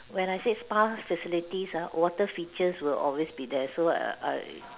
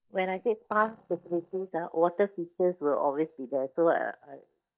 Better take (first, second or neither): first